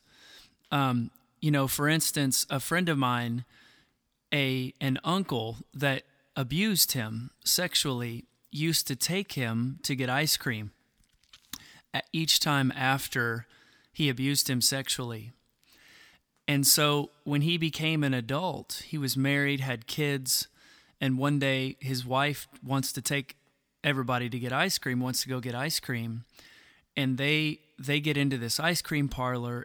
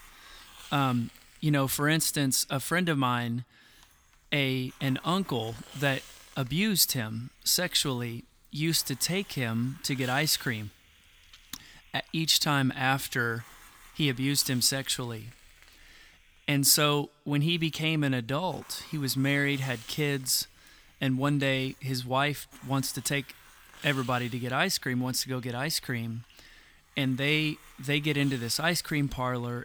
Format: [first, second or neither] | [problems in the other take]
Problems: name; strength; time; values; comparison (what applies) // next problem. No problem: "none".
first | hiss; faint; throughout; 25 dB below the speech